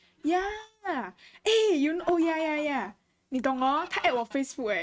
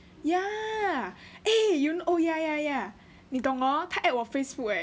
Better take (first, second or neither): second